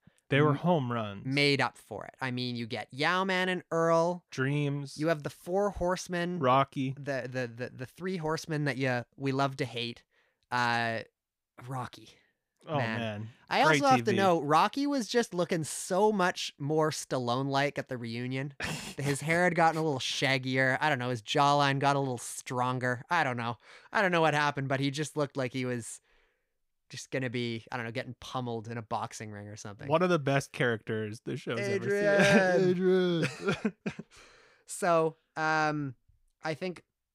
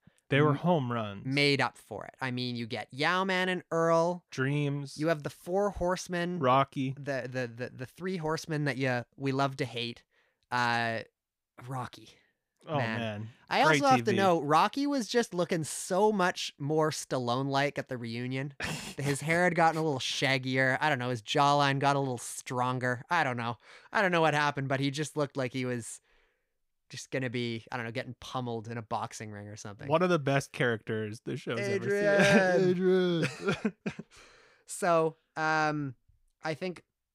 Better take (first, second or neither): neither